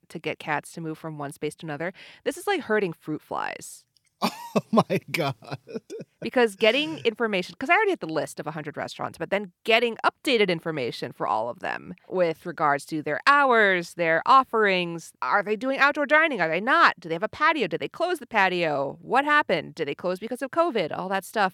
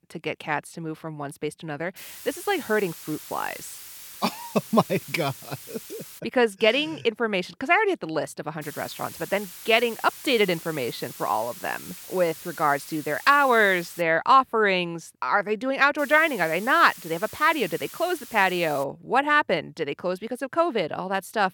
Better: first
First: none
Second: hiss; noticeable; from 2 to 6 s, from 8.5 to 14 s and from 16 to 19 s; 15 dB below the speech

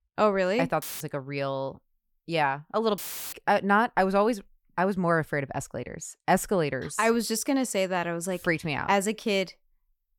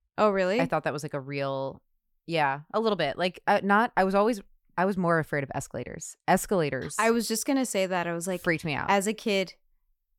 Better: second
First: audio cutting out; filled with static; at 1 s and at 3 s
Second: none

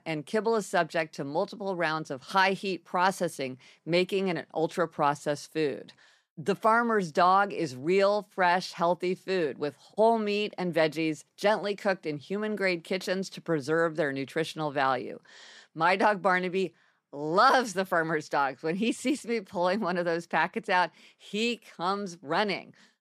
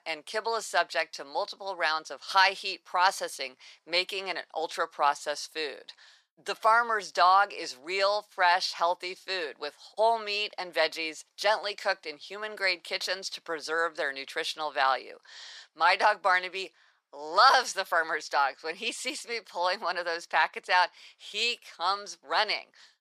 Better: first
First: none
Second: thin; very; fading below 800 Hz

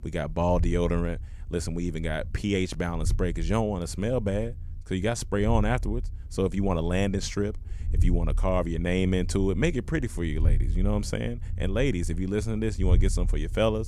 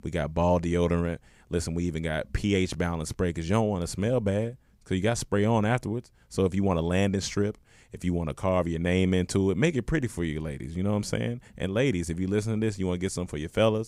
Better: second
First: low rumble; faint; throughout; 20 dB below the speech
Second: none

